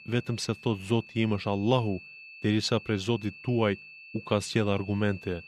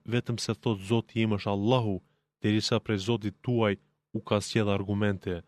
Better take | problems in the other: second | high-pitched whine; noticeable; throughout; 2.5 kHz, 15 dB below the speech

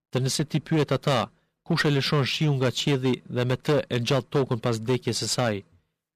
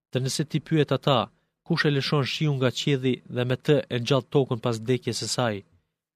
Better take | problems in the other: second | distortion; slight; 10% of the sound clipped

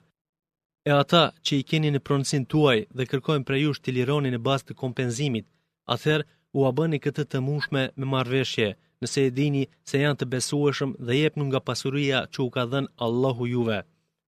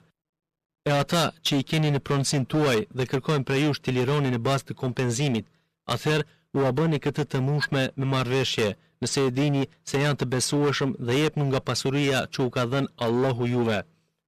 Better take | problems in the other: first | distortion; heavy; 16% of the sound clipped

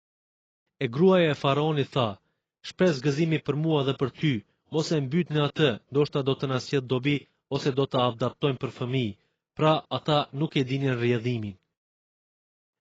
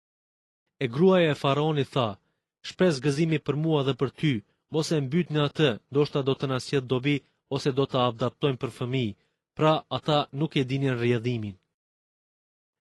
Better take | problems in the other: second | garbled, watery; badly; nothing above 7.5 kHz; slightly in the second

